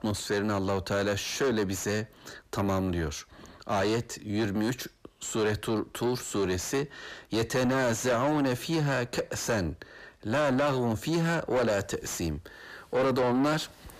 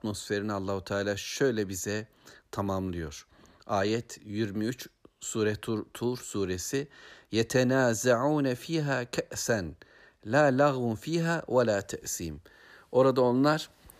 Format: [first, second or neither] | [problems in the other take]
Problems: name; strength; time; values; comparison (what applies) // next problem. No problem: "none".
second | distortion; heavy; 6 dB below the speech